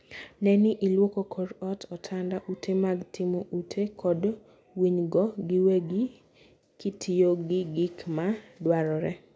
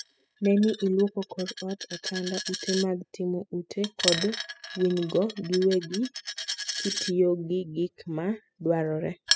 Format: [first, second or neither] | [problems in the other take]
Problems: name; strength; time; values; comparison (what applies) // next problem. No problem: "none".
first | noise reduction (classical method spectral subtraction)